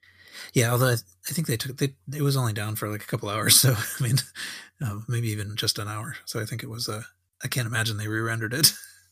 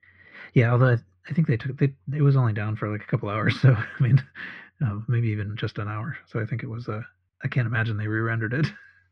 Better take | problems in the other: first | muffled; very; fading above 2.5 kHz

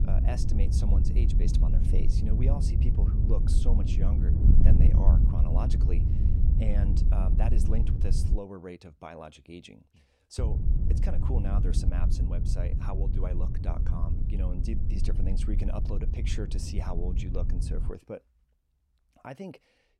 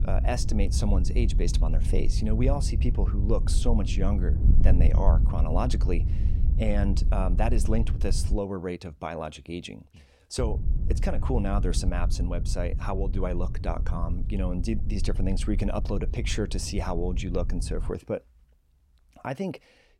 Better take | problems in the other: second | wind noise on the microphone; heavy; until 8.5 s and from 10 to 18 s; 1 dB below the speech; occasional gusts in the second

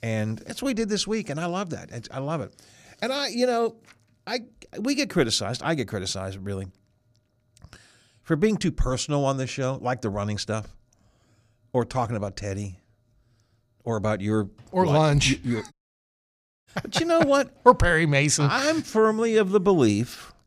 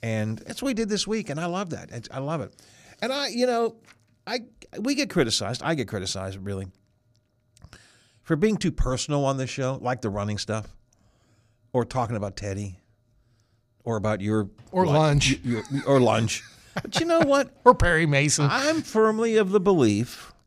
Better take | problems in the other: second | audio cutting out; at 16 s for 1 s

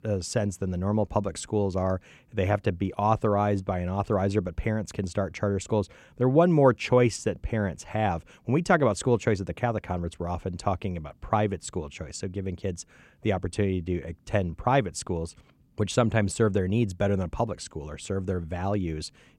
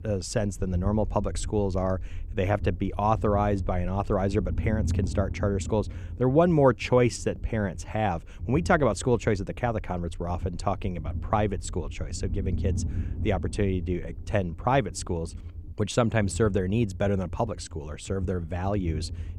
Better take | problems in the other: first | low rumble; faint; throughout; 20 dB below the speech

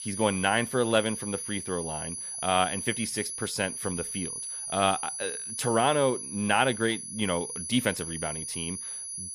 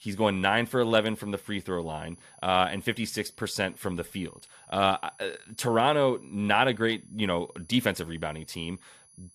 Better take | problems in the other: second | high-pitched whine; loud; throughout; 10.5 kHz, 5 dB below the speech; faint in the second

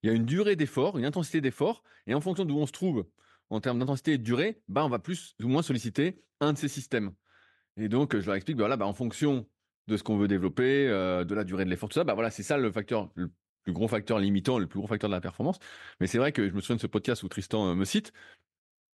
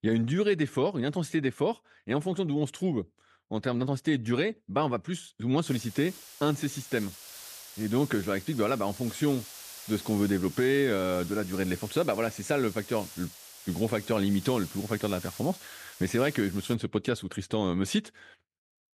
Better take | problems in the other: first | hiss; noticeable; from 5.5 to 17 s; 15 dB below the speech

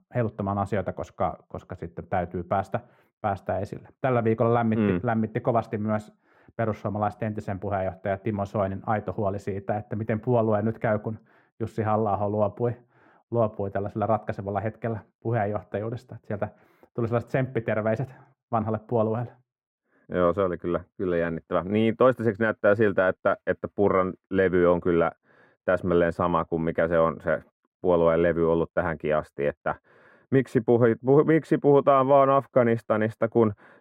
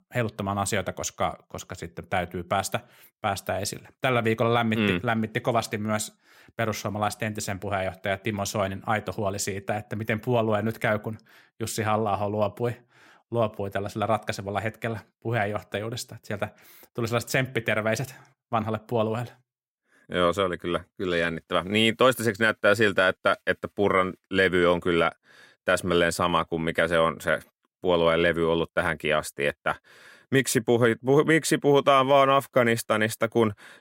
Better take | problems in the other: second | muffled; very; fading above 2.5 kHz

